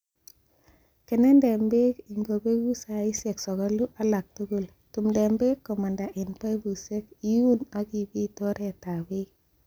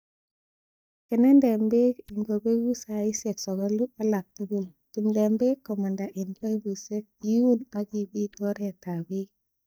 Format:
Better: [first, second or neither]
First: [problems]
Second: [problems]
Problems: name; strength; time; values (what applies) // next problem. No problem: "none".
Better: first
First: none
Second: noise reduction (neural mask model DeepFilterNet 3)